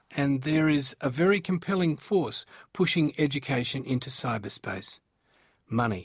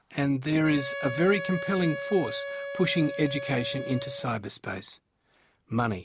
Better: first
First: none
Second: background sound (Wind instrument, woodwind instrument); 9 dB below the speech

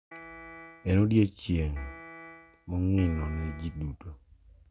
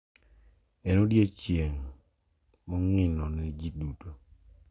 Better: second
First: background sound (Piano); 18 dB below the speech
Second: none

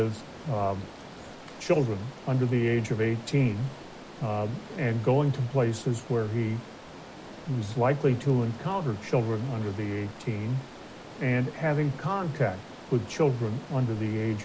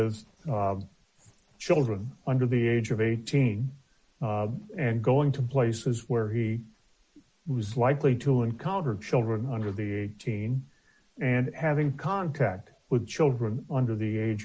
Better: second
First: background sound (Stream); 16 dB below the speech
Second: none

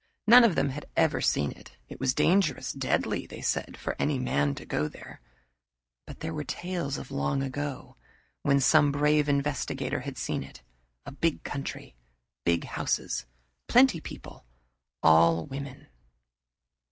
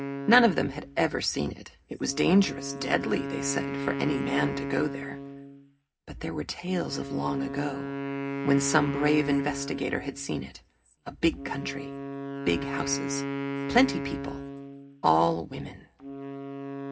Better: first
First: none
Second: background sound (Wind instrument, woodwind instrument); 6 dB below the speech // room echo; dies away in 0.3 s

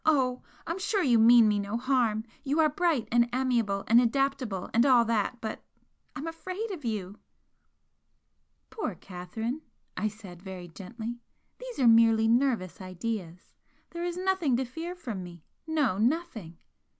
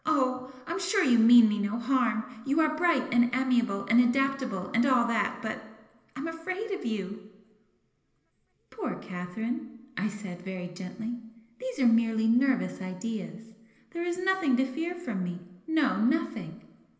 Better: first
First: none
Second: room echo; dies away in 1.4 s

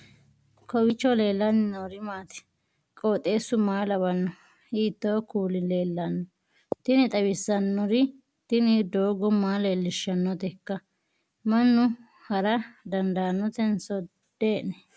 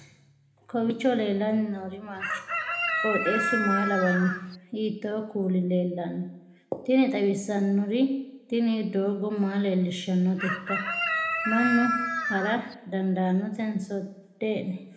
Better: first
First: none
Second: background sound (Chicken, rooster); 1 dB below the speech // room echo; dies away in 0.8 s

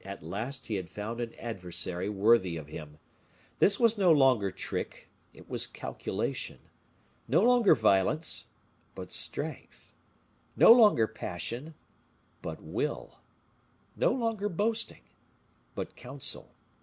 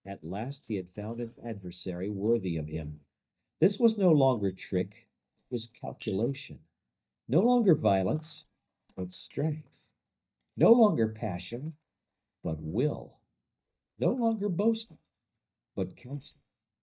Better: first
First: none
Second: noise reduction (neural mask model DeepFilterNet 3)

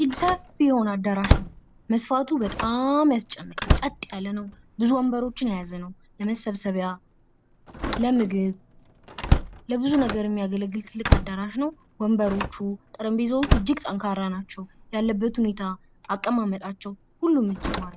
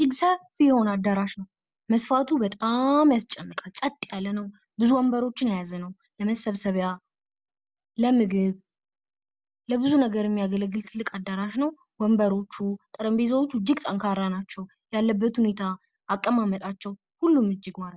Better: second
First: background sound (Slam); 4 dB below the speech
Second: none

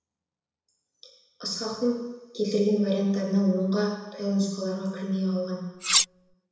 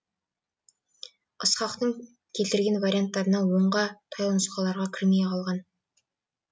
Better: second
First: background sound (Cutlery, silverware); 3 dB above the speech // room echo; dies away in 1 s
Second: none

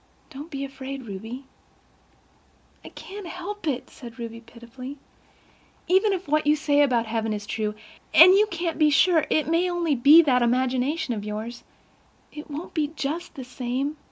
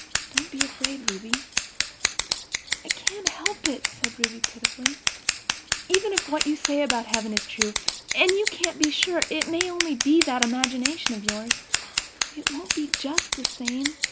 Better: first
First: none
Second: background sound (Scissors); 1 dB above the speech

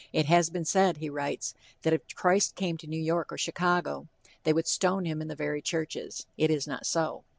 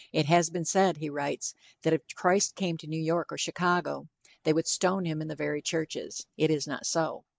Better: first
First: none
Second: noise reduction (neural mask model Resemble Enhance denoiser)

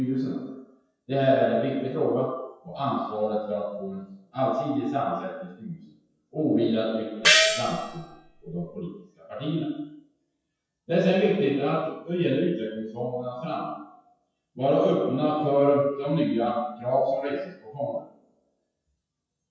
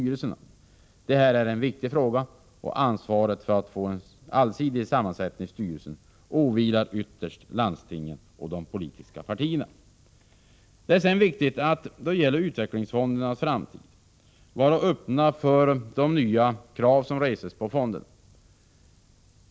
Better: second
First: noise reduction (classical method WPE with log-MMSE)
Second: none

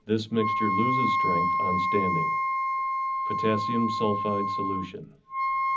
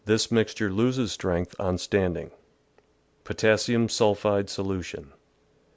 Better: second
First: background sound (Wind instrument, woodwind instrument); 3 dB above the speech // room echo; dies away in 0.4 s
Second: none

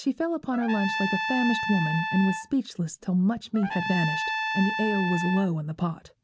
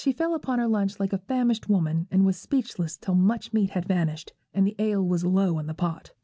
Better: second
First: background sound (Trumpet); 4 dB below the speech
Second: none

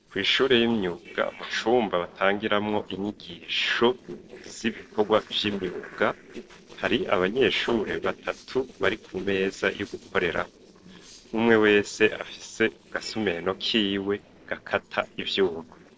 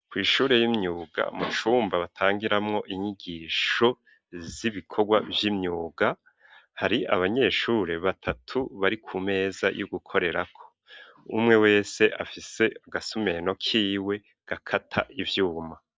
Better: second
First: noise reduction (neural separator model SepFormer DNS4)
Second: none

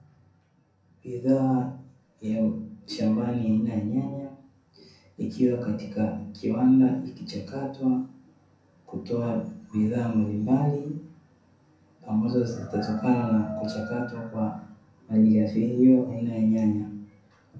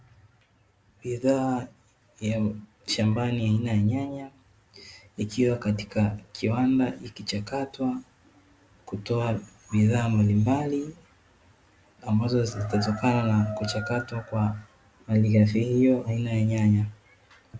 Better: second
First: room echo; dies away in 0.5 s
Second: none

